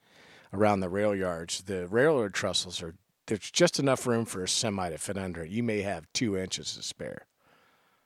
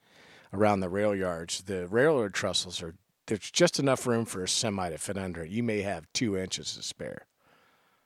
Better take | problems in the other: neither | none

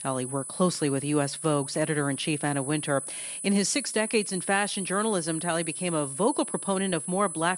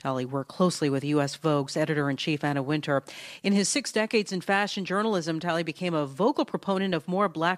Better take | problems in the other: second | high-pitched whine; loud; throughout; 10 kHz, 6 dB below the speech

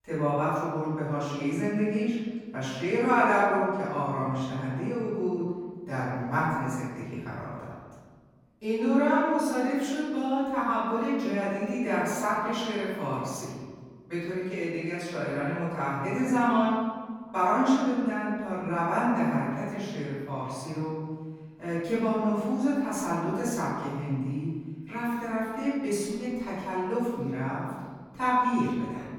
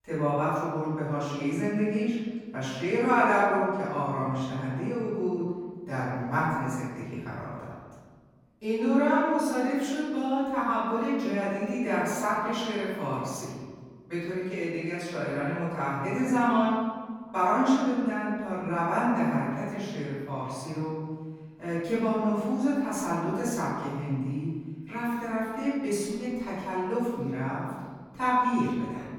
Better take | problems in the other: neither | off-mic speech; far; the same in both // room echo; strong; dies away in 1.5 s; the same in both

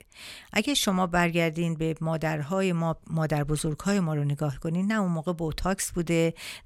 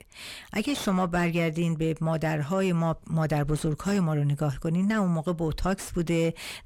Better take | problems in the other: first | distortion; slight; 10 dB below the speech

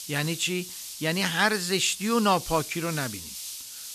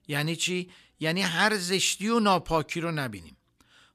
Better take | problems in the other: second | hiss; noticeable; throughout; 10 dB below the speech

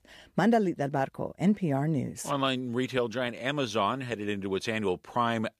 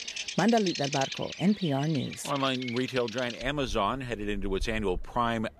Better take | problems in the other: first | animal sounds; loud; throughout; 8 dB below the speech

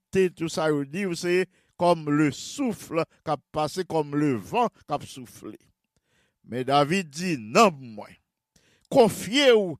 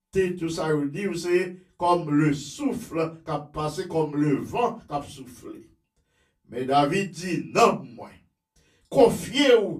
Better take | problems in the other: first | off-mic speech; far // room echo; very slight; dies away in 0.2 s

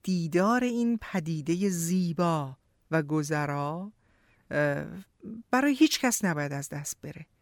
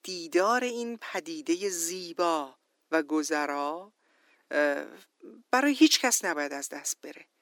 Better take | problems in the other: first | thin; somewhat; fading below 300 Hz

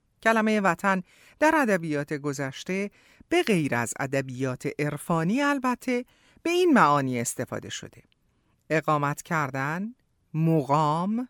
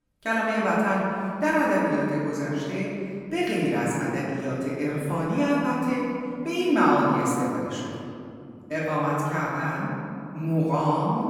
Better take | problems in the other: first | room echo; strong; dies away in 2.5 s // off-mic speech; far

